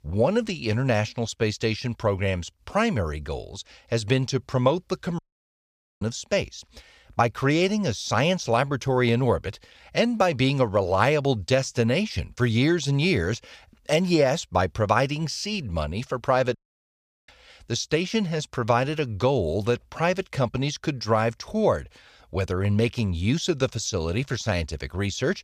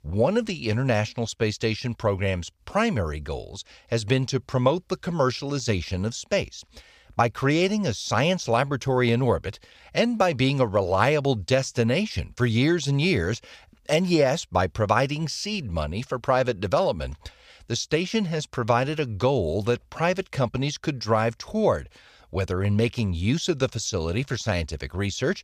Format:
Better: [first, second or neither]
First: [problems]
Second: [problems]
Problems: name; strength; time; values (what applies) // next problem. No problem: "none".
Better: second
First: audio cutting out; at 5 s for 1 s and at 17 s for 0.5 s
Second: none